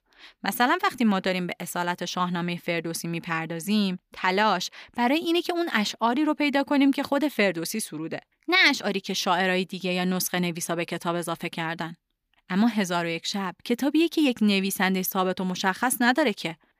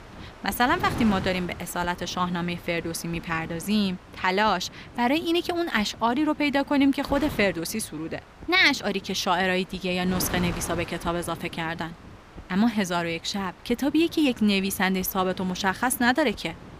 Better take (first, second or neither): first